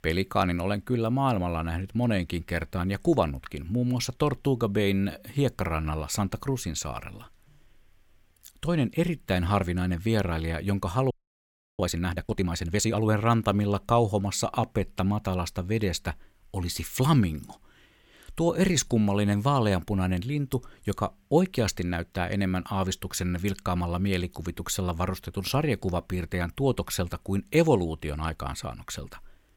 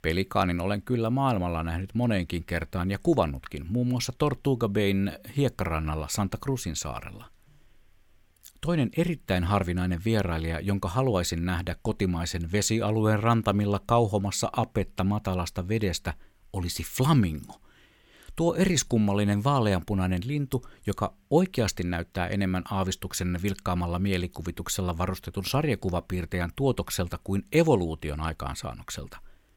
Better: second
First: audio freezing; at 11 s for 0.5 s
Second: none

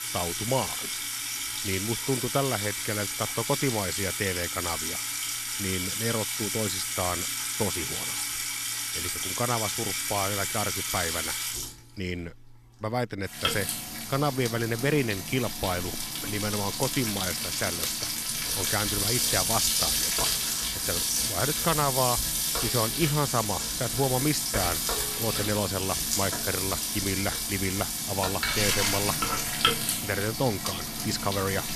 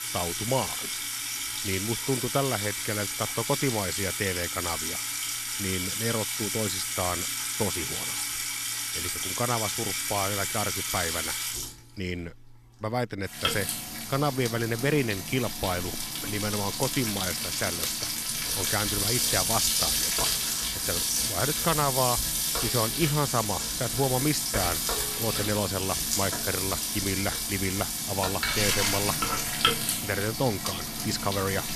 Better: neither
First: household noises; very loud; throughout; 3 dB above the speech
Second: household noises; very loud; throughout; 3 dB above the speech

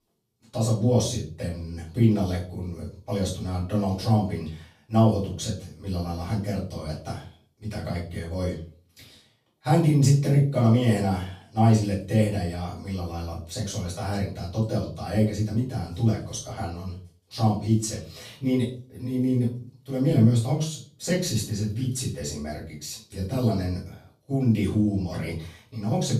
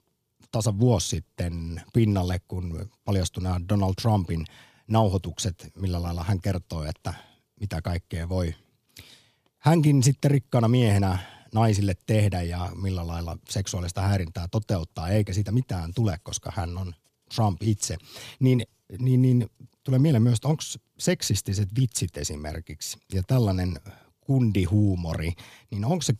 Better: second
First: off-mic speech; far // room echo; slight; dies away in 0.3 s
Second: none

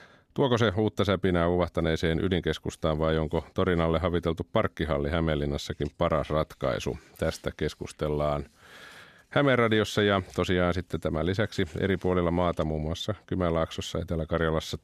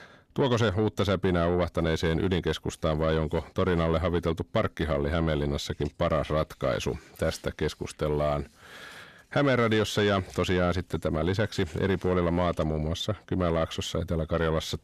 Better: first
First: none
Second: distortion; slight; 10 dB below the speech

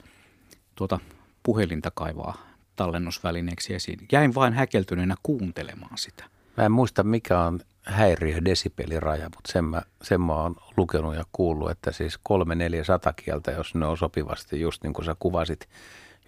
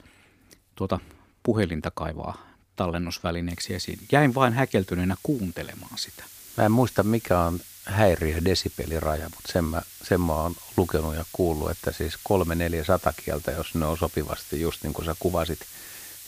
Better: first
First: none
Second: hiss; noticeable; from 3.5 s on; 15 dB below the speech

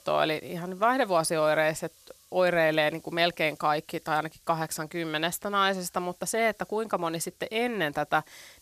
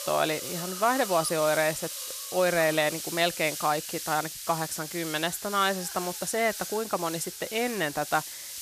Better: first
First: hiss; faint; throughout; 30 dB below the speech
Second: hiss; loud; throughout; 7 dB below the speech

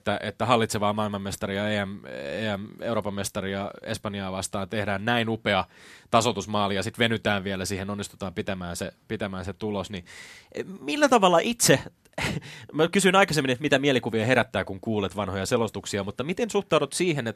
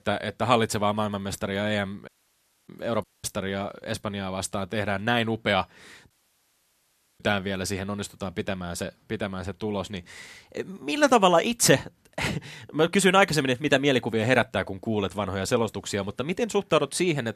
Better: first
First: none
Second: audio cutting out; at 2 s for 0.5 s, at 3 s and at 6 s for 1 s

